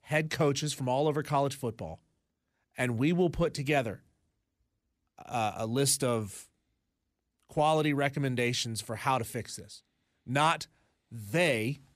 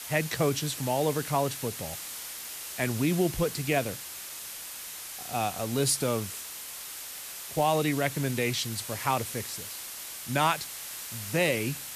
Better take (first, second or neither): first